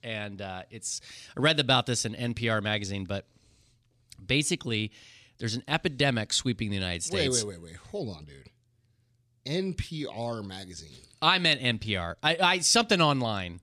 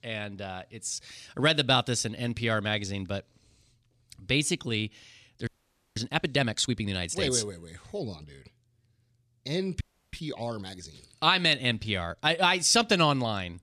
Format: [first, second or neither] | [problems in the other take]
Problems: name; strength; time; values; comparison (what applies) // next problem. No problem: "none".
first | audio freezing; at 5.5 s and at 10 s